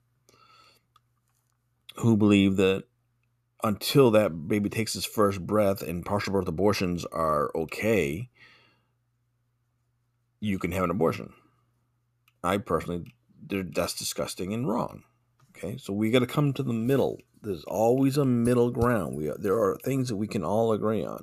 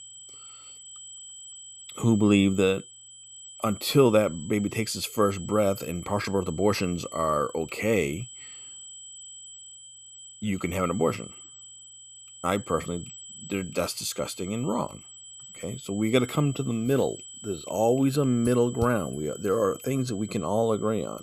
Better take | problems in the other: first | high-pitched whine; noticeable; throughout; 8 kHz, 15 dB below the speech

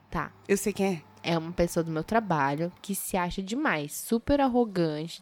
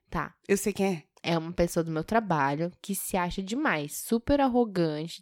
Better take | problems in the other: second | household noises; faint; throughout; 30 dB below the speech

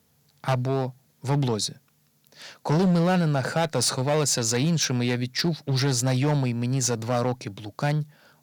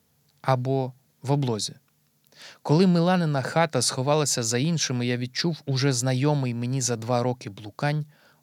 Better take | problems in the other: second | distortion; slight; 7% of the sound clipped

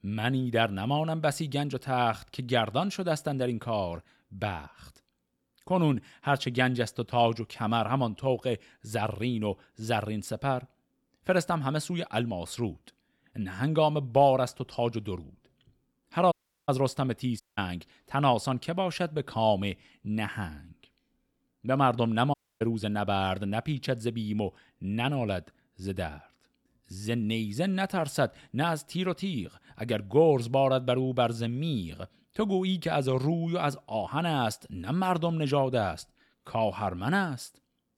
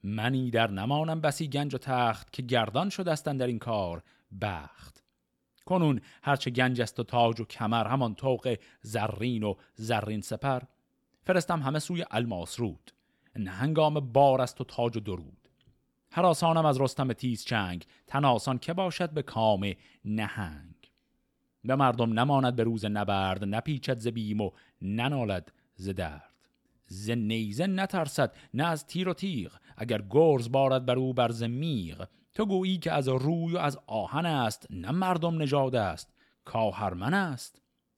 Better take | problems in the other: second | audio cutting out; at 16 s, at 17 s and at 22 s

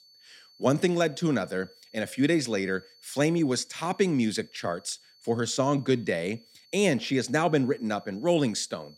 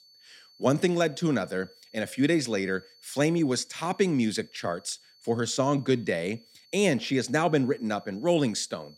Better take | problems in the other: neither | high-pitched whine; faint; throughout; 4.5 kHz, 30 dB below the speech; the same in both

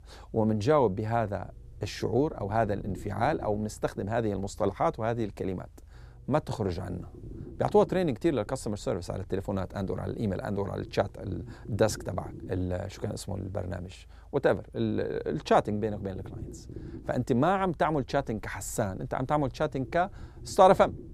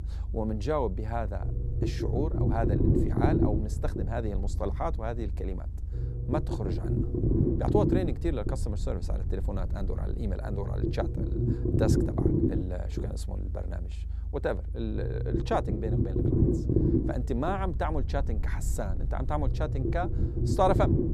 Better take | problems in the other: first | low rumble; loud; throughout; 1 dB below the speech; faint in the first

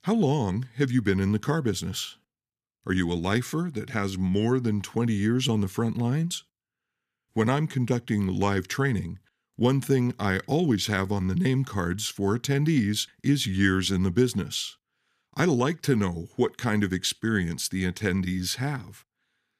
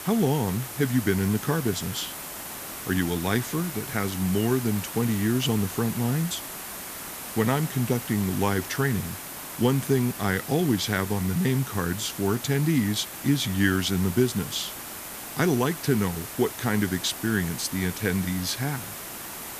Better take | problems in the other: first | hiss; loud; throughout; 9 dB below the speech

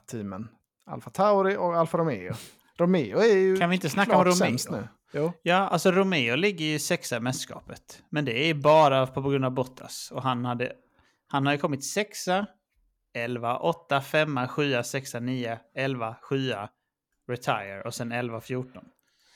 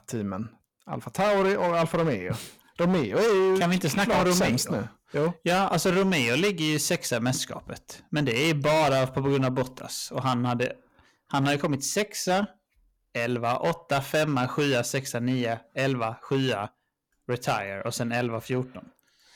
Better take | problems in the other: first | distortion; heavy; 11% of the sound clipped

